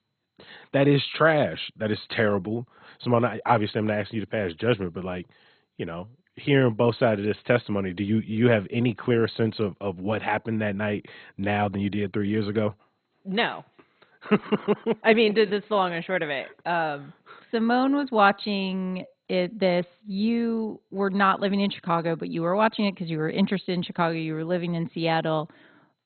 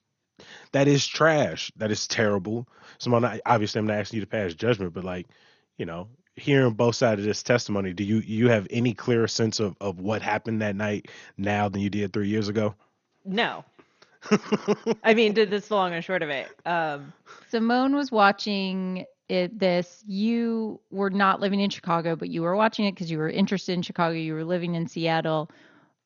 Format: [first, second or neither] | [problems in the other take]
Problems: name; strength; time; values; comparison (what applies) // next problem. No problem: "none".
second | garbled, watery; badly; nothing above 4 kHz; slightly in the second